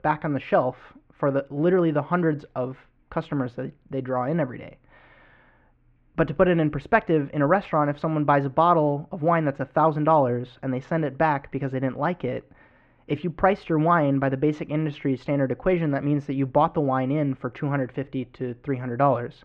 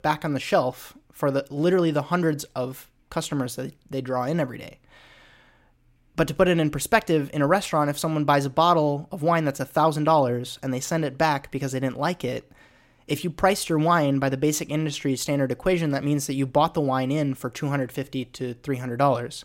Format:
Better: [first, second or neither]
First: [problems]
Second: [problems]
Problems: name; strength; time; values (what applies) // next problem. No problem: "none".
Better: second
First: muffled; very; fading above 2 kHz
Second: none